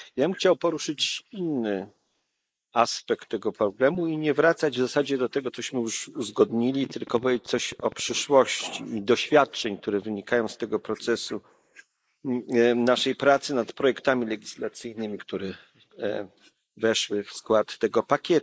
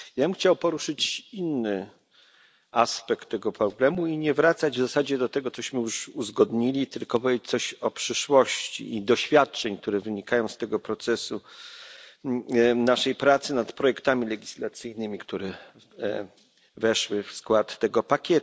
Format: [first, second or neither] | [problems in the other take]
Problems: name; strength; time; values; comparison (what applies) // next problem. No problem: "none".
second | noise reduction (neural mask model Resemble Enhance denoiser)